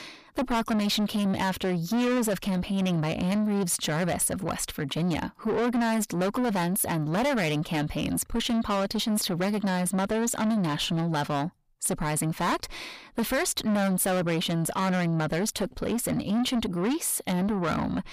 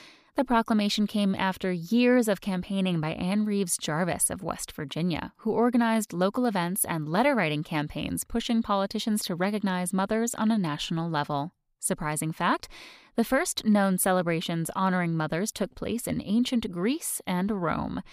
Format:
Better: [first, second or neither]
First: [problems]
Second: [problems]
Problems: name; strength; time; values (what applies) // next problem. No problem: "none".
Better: second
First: distortion; heavy; 7 dB below the speech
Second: none